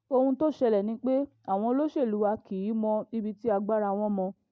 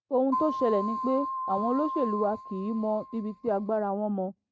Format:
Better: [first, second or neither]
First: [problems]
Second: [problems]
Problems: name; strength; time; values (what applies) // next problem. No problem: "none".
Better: first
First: none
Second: noise reduction (neural mask model RNNoise)